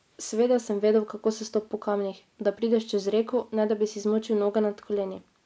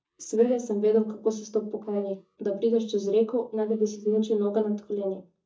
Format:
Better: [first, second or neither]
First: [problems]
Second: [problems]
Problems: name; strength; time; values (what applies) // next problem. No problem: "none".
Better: first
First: none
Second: noise reduction (neural mask model DeepFilterNet 3)